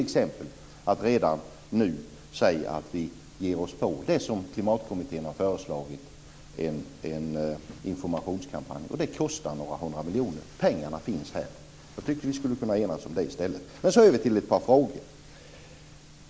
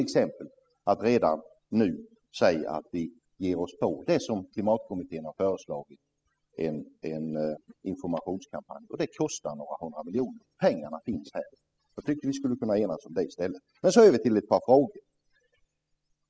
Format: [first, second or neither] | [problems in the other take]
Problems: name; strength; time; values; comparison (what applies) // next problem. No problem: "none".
first | noise reduction (classical method spectral subtraction)